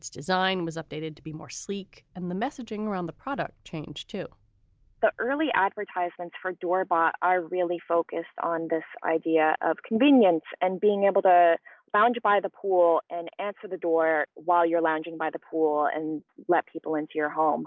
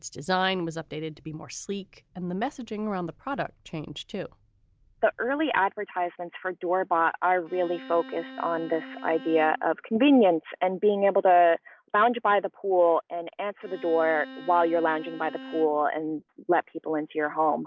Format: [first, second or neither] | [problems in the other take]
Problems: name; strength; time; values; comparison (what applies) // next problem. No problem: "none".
first | background sound (Bowed string instrument); 17 dB below the speech